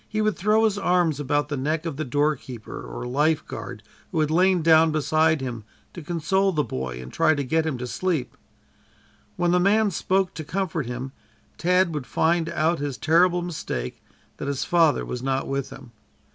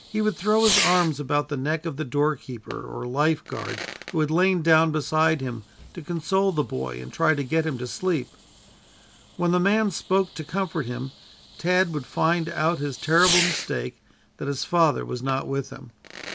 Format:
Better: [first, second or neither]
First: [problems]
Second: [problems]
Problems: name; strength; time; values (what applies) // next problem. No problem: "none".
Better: first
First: none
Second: background sound (Fireworks); 10 dB below the speech